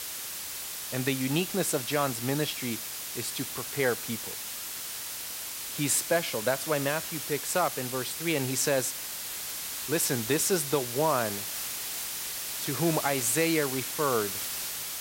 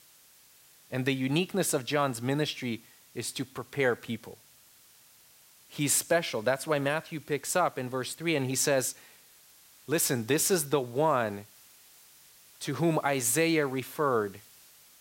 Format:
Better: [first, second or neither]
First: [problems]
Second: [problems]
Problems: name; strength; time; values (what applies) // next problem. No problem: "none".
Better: second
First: hiss; loud; throughout; 4 dB below the speech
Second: hiss; faint; throughout; 25 dB below the speech